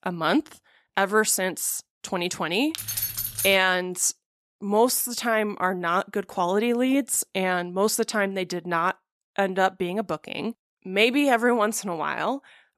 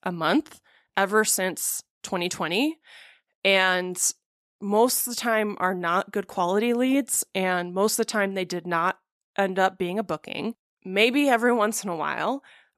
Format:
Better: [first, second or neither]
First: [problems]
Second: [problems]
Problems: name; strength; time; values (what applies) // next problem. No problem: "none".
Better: second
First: jangling keys; noticeable; at 2.5 s; peak 2 dB below the speech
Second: none